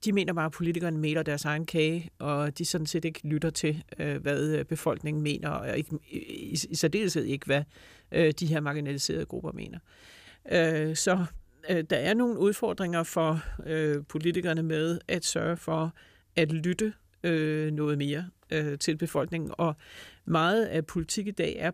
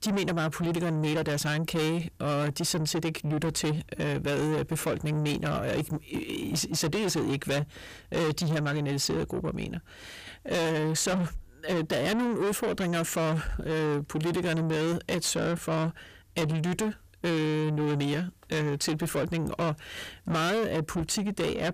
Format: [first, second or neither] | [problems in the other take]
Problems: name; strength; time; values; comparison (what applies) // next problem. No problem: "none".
first | distortion; heavy; 7 dB below the speech